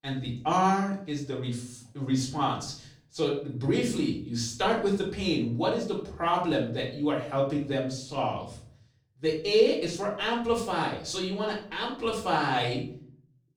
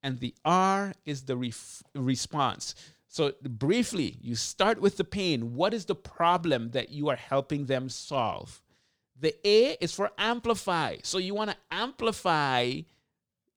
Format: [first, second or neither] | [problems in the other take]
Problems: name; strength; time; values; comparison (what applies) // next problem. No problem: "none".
second | off-mic speech; far // room echo; slight; dies away in 0.5 s